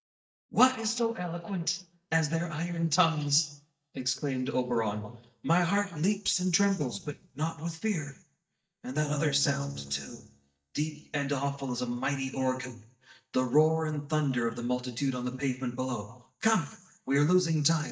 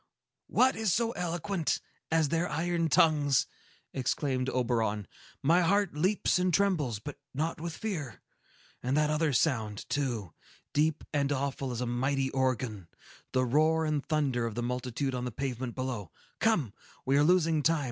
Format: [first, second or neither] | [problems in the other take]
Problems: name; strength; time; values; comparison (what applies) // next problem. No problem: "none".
second | noise reduction (neural mask model DeepFilterNet 3)